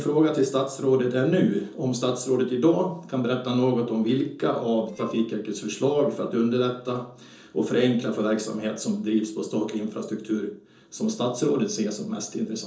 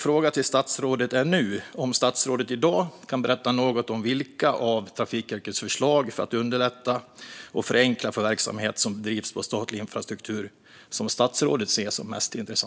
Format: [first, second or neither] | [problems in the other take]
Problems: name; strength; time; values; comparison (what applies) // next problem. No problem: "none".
second | noise reduction (neural separator model SepFormer DNS4)